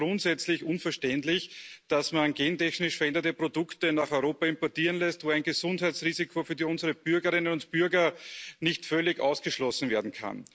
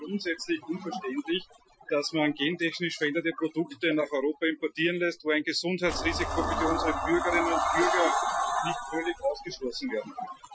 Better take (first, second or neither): first